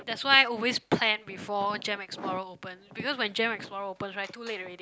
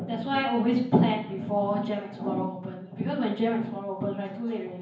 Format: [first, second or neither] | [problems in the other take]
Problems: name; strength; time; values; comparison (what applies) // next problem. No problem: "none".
first | room echo; dies away in 0.9 s